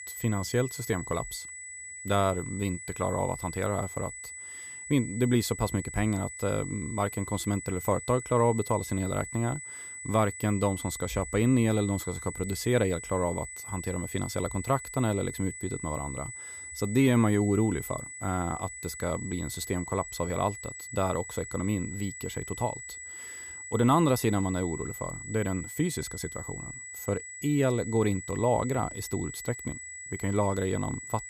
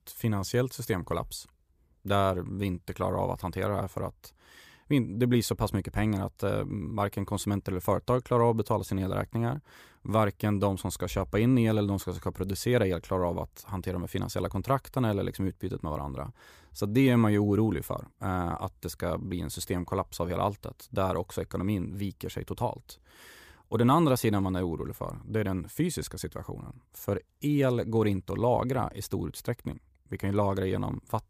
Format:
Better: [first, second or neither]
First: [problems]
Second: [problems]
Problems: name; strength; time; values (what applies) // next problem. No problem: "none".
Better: second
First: high-pitched whine; loud; throughout; 2 kHz, 10 dB below the speech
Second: none